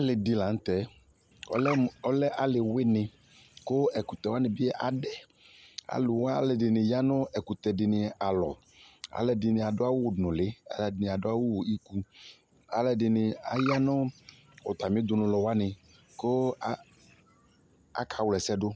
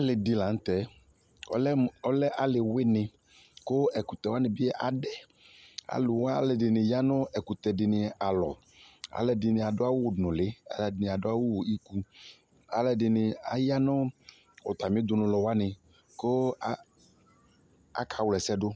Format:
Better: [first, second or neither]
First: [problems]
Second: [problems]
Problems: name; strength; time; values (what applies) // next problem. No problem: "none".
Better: second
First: background sound (Bird); 16 dB below the speech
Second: none